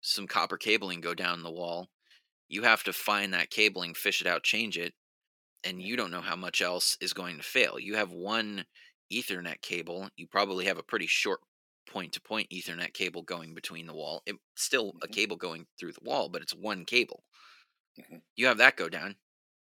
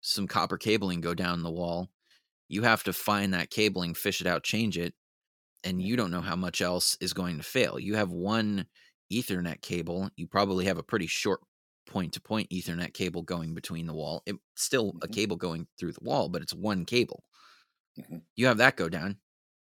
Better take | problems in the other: second | thin; somewhat; fading below 300 Hz

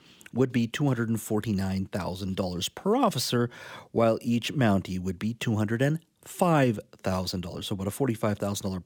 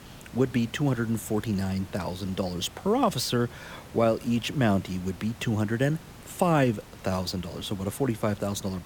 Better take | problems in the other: first | hiss; noticeable; throughout; 20 dB below the speech

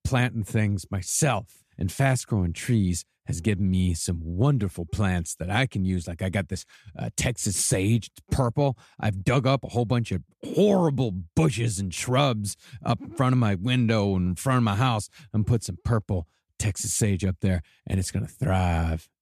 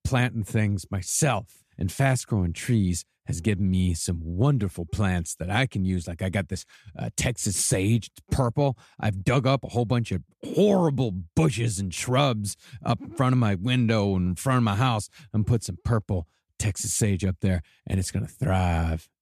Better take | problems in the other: neither | none

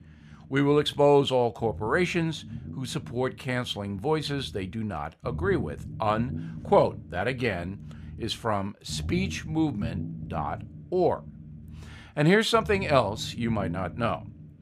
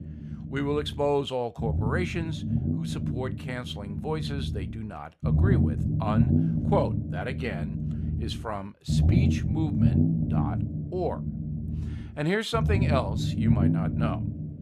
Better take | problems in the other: first | low rumble; loud; throughout; 4 dB below the speech; faint in the first

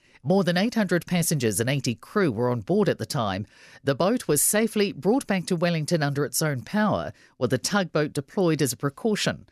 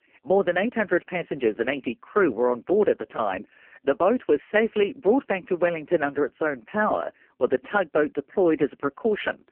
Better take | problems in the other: first | phone-call audio; poor line

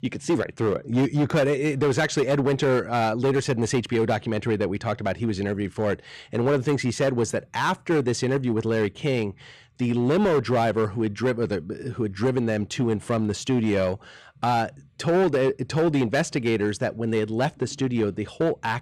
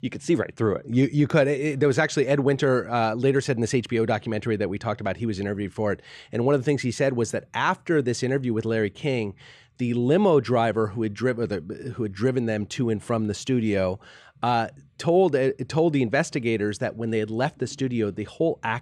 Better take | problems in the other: second | distortion; slight; 9% of the sound clipped

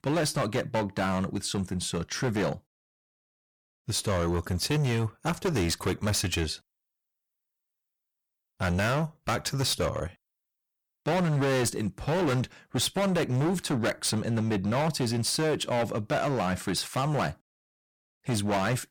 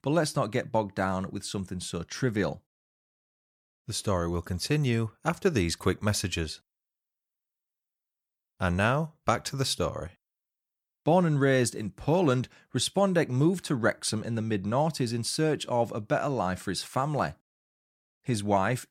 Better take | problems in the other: second | distortion; heavy; 17% of the sound clipped

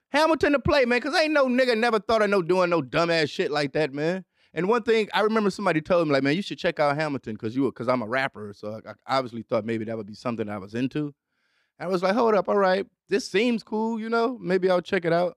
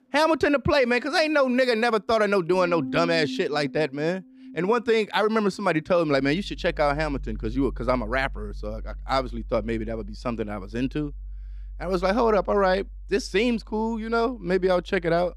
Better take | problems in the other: first | background music; noticeable; throughout; 15 dB below the speech

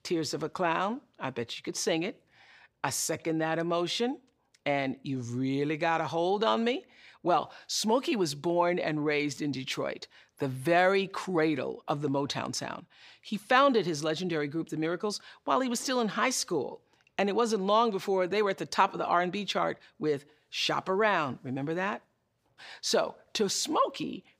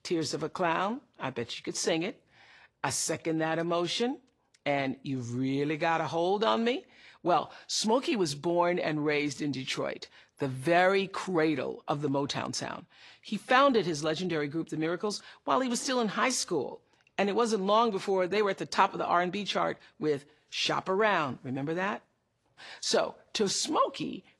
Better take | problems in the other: first | garbled, watery; slightly; nothing above 11.5 kHz

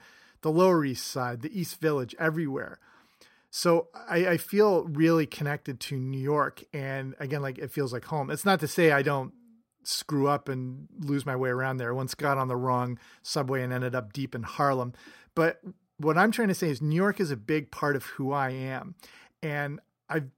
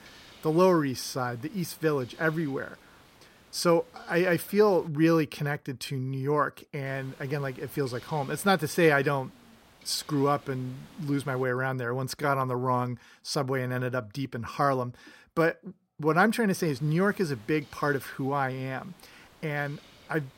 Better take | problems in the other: first | hiss; faint; until 5 s, from 7 to 11 s and from 17 s on; 25 dB below the speech

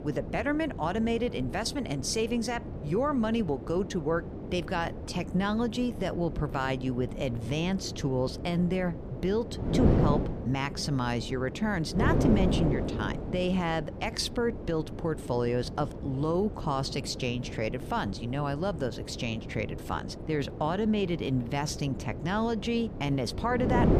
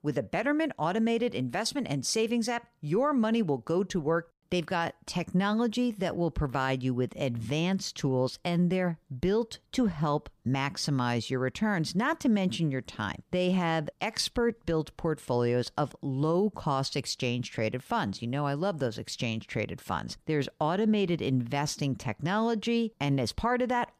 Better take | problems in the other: second | wind noise on the microphone; heavy; 8 dB below the speech

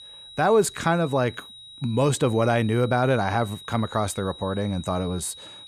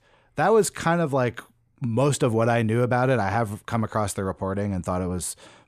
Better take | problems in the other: second | high-pitched whine; noticeable; throughout; 4 kHz, 15 dB below the speech

